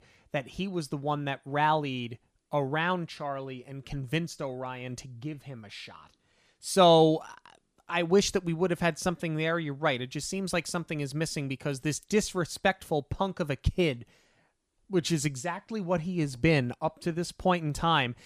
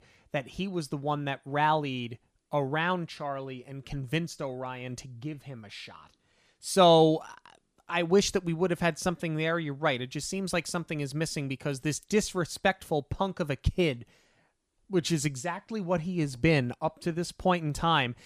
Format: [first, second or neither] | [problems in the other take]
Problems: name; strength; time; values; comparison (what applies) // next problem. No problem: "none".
neither | none